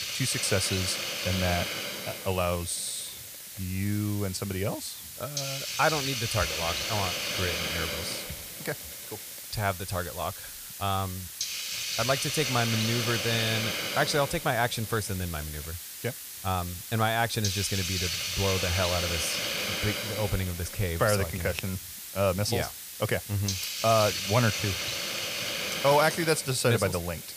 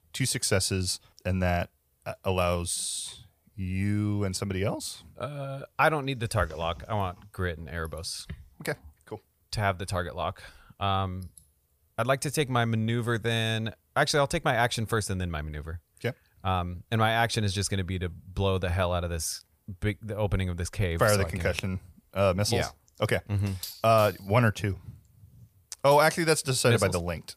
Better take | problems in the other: second | hiss; loud; throughout; 2 dB below the speech

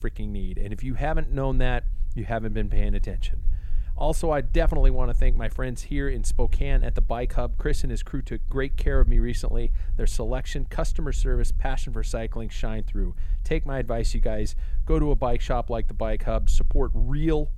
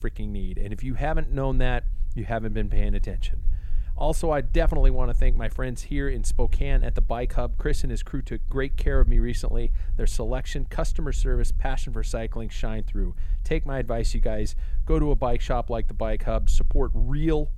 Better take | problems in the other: neither | low rumble; faint; throughout; 25 dB below the speech; the same in both

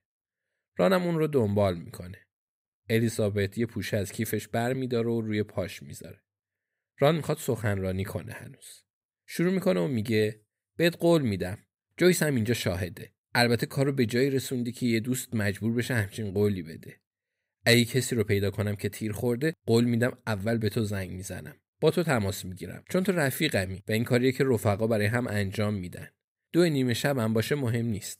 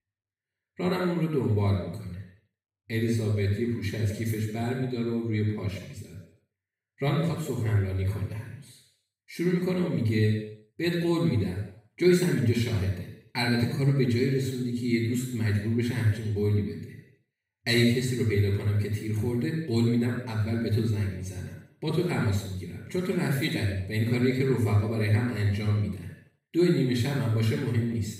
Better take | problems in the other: first | room echo; noticeable; dies away in 0.7 s // off-mic speech; far

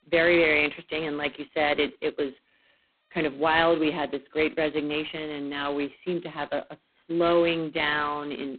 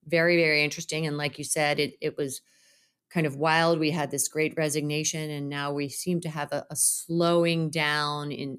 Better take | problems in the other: second | phone-call audio; poor line; nothing above 4 kHz

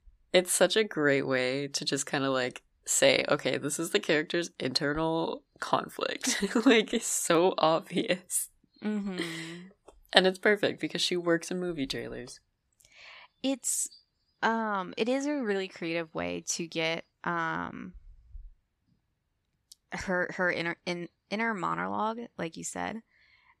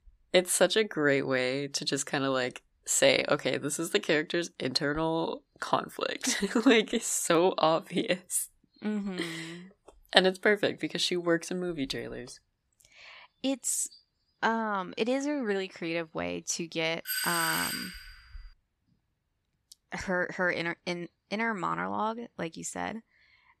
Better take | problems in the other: first | doorbell; loud; at 17 s; peak level with the speech

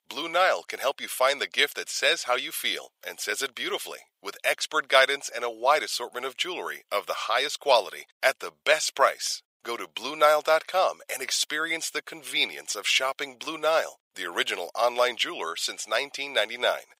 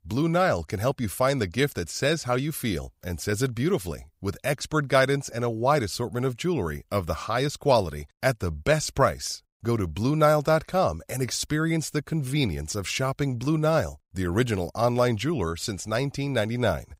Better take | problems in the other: second | thin; very; fading below 550 Hz

